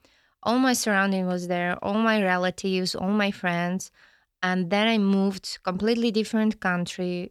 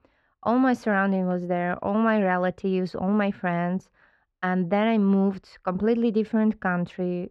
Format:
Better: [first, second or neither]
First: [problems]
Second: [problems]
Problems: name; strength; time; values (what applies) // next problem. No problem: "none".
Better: first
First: none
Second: muffled; very; fading above 3 kHz